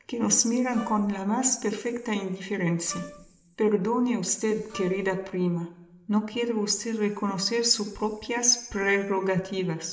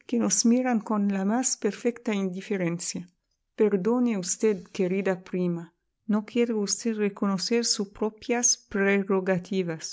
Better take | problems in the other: second | background sound (Wind instrument, woodwind instrument); 17 dB below the speech // room echo; dies away in 0.9 s

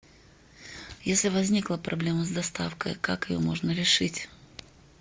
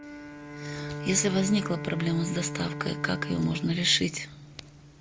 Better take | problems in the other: first | background sound (Bowed string instrument); 8 dB below the speech

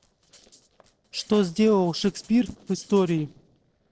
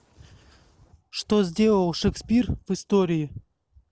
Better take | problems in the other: second | noise reduction (neural separator model SepFormer DNS4)

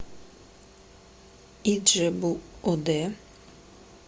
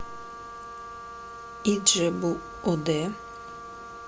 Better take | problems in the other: first | background sound (Wind instrument, woodwind instrument); 12 dB below the speech

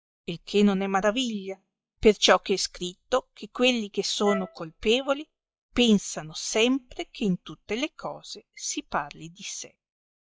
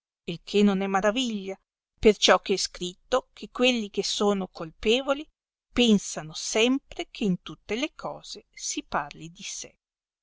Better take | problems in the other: second | noise reduction (classical method log-MMSE)

